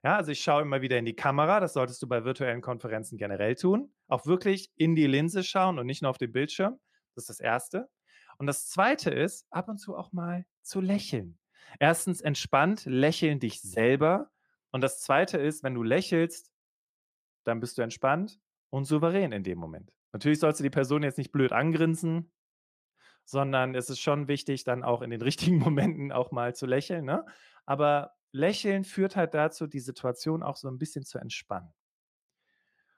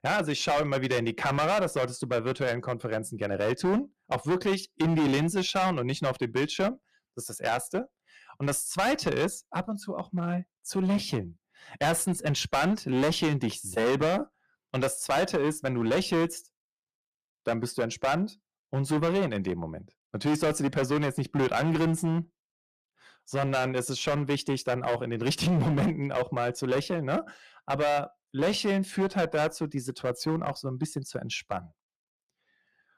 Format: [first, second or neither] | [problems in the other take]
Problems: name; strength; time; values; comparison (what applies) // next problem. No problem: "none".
first | distortion; heavy; 11% of the sound clipped